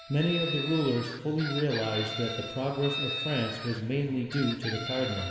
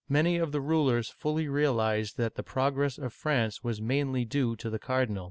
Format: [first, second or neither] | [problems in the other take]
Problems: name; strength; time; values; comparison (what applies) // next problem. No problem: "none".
second | background sound (Chicken, rooster); 7 dB below the speech // room echo; dies away in 2.2 s